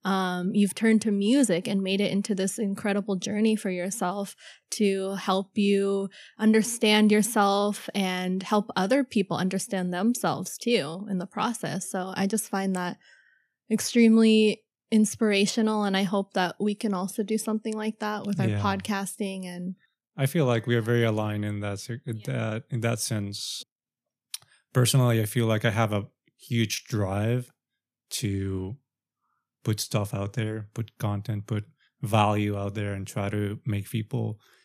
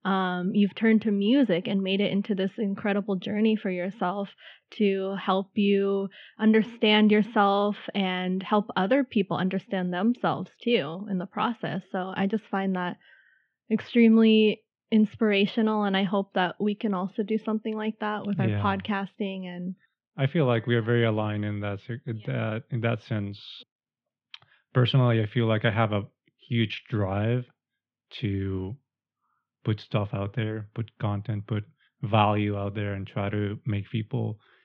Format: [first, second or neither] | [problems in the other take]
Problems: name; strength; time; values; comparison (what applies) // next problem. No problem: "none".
first | muffled; very; fading above 3.5 kHz